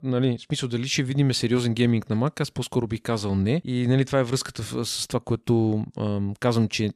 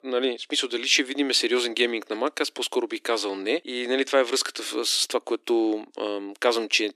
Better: first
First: none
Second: thin; somewhat; fading below 300 Hz

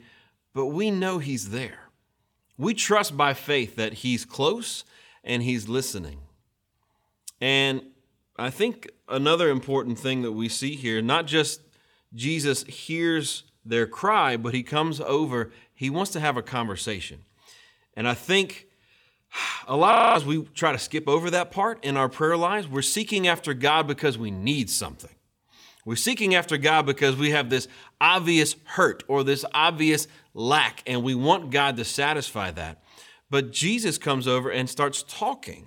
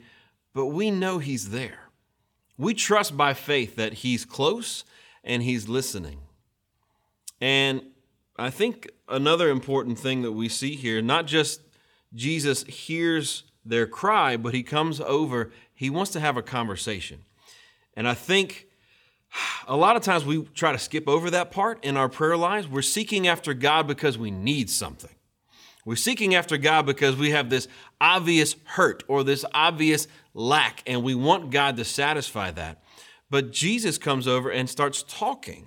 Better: second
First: audio freezing; at 20 s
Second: none

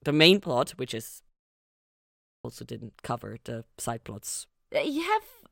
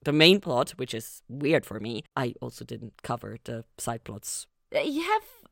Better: second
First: audio cutting out; at 1.5 s for 1 s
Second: none

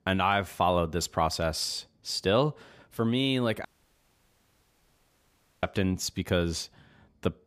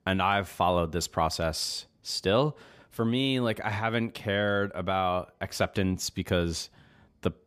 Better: second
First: audio cutting out; at 3.5 s for 2 s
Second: none

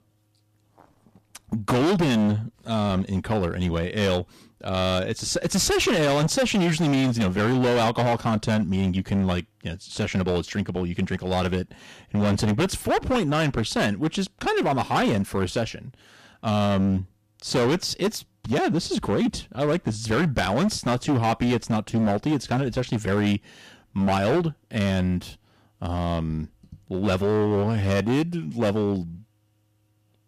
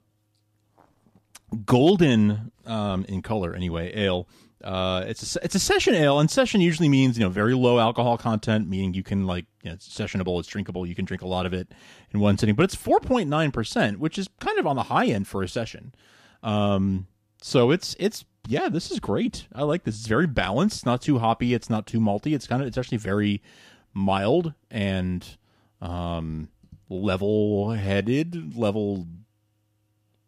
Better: second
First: distortion; heavy; 14% of the sound clipped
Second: none

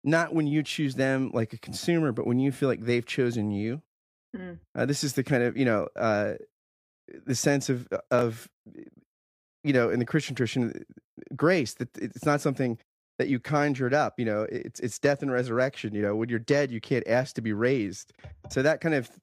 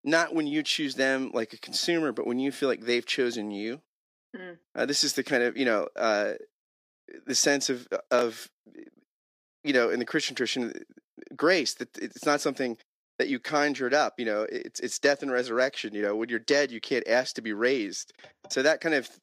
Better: first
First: none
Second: thin; very slightly; fading below 250 Hz

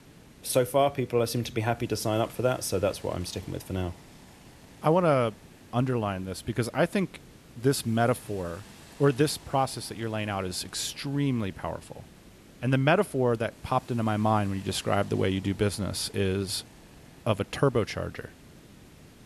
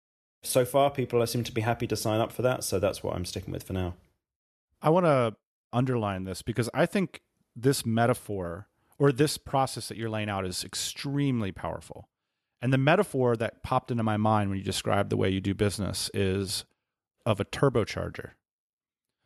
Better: second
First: hiss; faint; throughout; 20 dB below the speech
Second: none

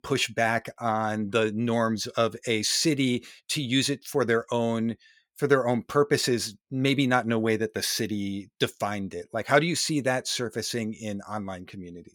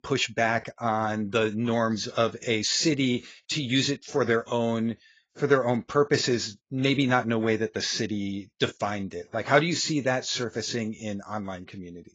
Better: first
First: none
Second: garbled, watery; badly

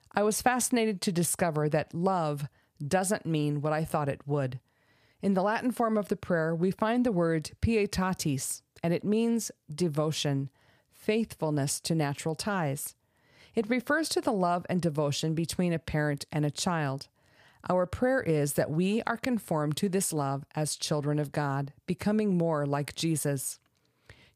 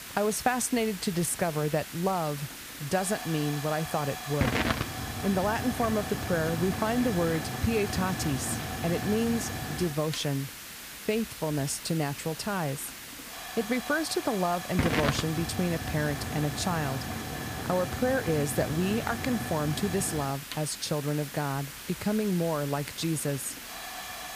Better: first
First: none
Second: hiss; loud; throughout; 5 dB below the speech

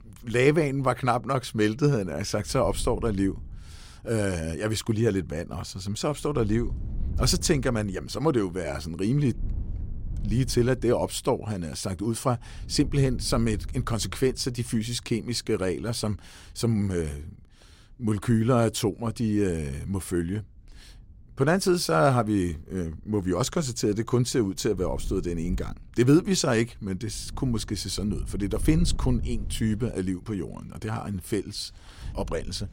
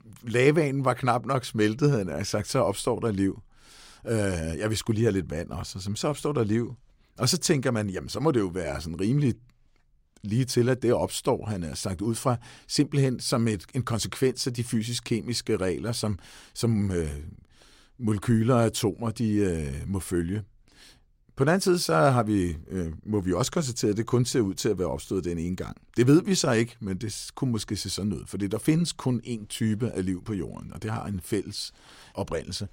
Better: second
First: wind noise on the microphone; occasional gusts; 25 dB below the speech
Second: none

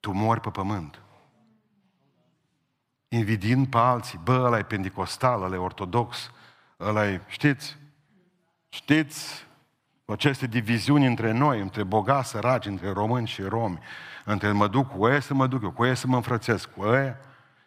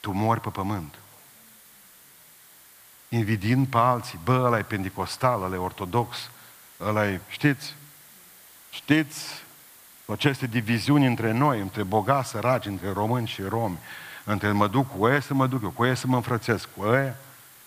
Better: first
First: none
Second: hiss; faint; throughout; 25 dB below the speech

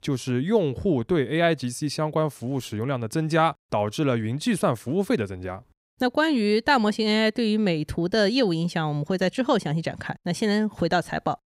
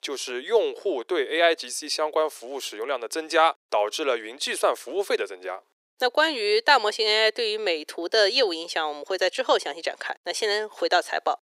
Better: first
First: none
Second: thin; very; fading below 400 Hz

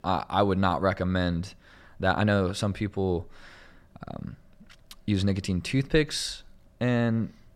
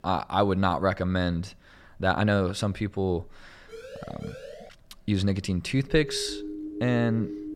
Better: first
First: none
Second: siren; faint; from 3.5 to 4.5 s; peak 15 dB below the speech // siren; noticeable; from 6 s on; peak 9 dB below the speech

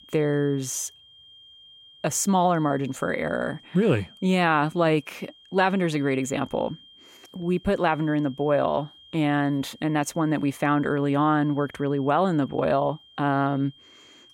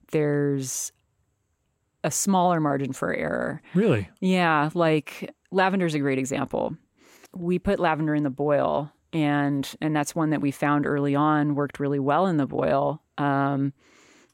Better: second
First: high-pitched whine; faint; throughout; 3 kHz, 25 dB below the speech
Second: none

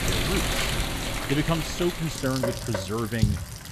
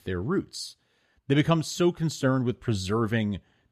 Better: second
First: rain or running water; very loud; throughout; as loud as the speech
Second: none

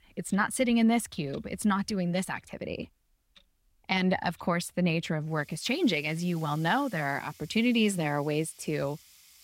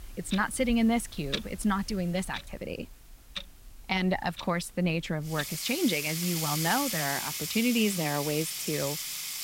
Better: first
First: household noises; faint; throughout; 25 dB below the speech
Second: household noises; loud; throughout; 4 dB below the speech

